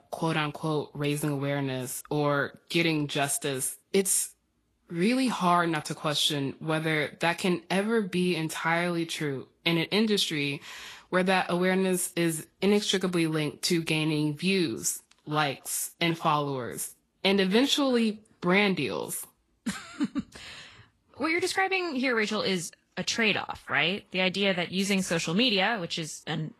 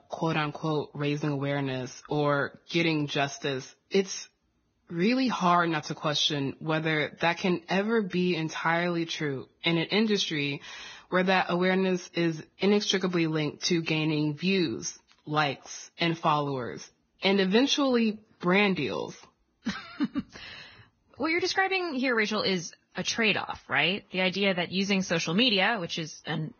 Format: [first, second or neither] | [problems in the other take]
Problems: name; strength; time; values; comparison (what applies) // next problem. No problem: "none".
first | garbled, watery; badly; nothing above 6.5 kHz; slightly in the first